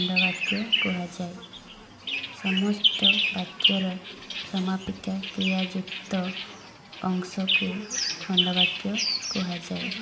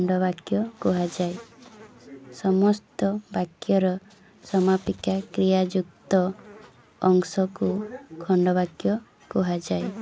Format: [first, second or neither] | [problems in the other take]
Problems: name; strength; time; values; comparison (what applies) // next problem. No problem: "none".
second | background sound (Bird vocalization, bird call, bird song); 2 dB above the speech // room echo; dies away in 0.9 s